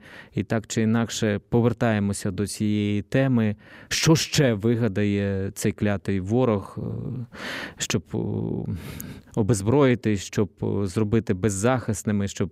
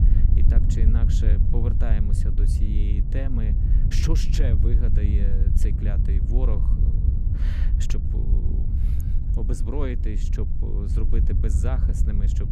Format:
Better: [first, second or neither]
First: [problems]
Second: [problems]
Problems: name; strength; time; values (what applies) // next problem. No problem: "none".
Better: first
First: none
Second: wind noise on the microphone; heavy; 2 dB below the speech